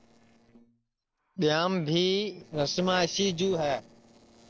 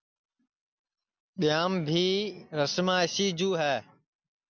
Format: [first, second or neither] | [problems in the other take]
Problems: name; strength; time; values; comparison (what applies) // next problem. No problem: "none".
second | noise reduction (neural separator model SepFormer DNS4)